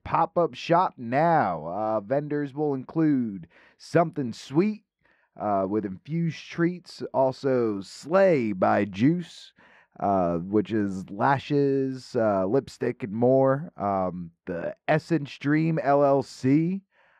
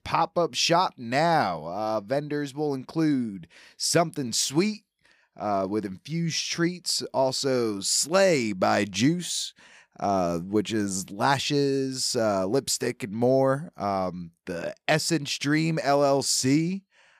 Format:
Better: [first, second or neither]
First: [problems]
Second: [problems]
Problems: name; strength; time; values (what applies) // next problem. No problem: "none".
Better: second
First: muffled; very; fading above 3.5 kHz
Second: none